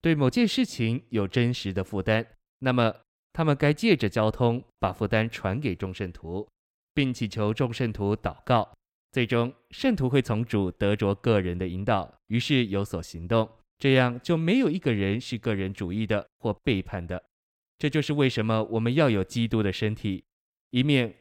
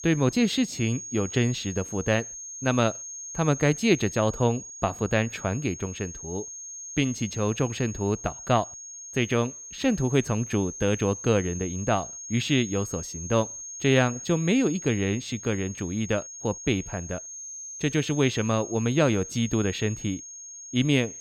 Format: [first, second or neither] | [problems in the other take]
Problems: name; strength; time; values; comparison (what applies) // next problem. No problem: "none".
first | high-pitched whine; noticeable; throughout; 6.5 kHz, 10 dB below the speech